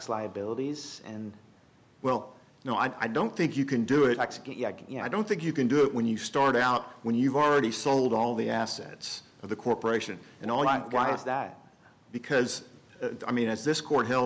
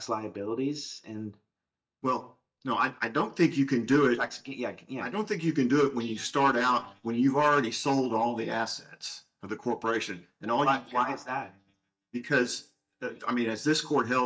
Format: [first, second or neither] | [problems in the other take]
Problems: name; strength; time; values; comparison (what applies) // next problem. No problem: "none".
first | noise reduction (neural mask model DeepFilterNet 3)